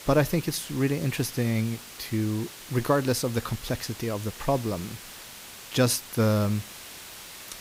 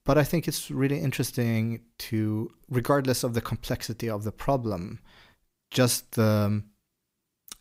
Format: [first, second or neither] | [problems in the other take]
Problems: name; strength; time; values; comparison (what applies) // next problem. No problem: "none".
second | hiss; noticeable; throughout; 15 dB below the speech